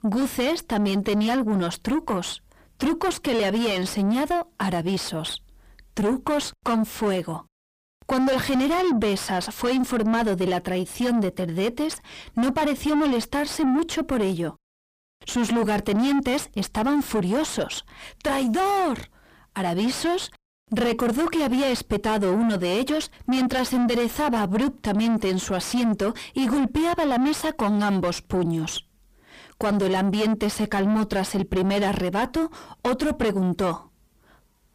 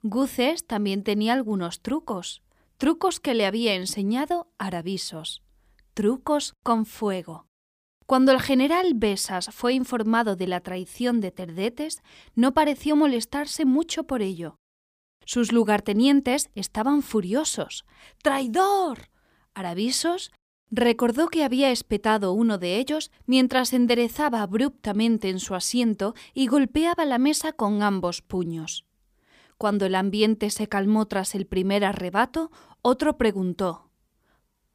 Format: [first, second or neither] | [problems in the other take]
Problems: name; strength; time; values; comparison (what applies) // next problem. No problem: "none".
second | distortion; heavy; 5 dB below the speech